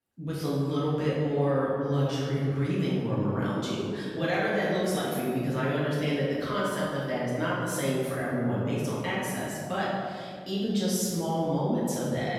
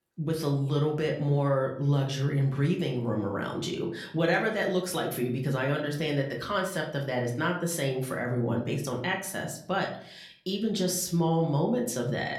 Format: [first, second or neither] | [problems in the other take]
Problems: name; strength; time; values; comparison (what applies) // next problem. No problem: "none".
second | room echo; strong; dies away in 2 s; slight in the second // off-mic speech; far; somewhat distant in the second